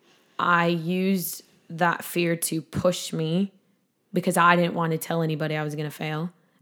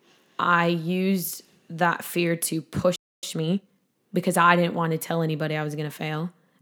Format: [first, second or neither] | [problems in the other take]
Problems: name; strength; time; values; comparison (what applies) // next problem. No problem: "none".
first | audio freezing; at 3 s